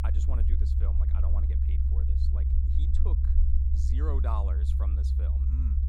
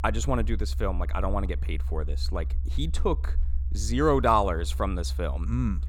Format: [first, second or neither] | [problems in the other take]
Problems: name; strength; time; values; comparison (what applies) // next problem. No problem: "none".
second | low rumble; loud; throughout; as loud as the speech; faint in the second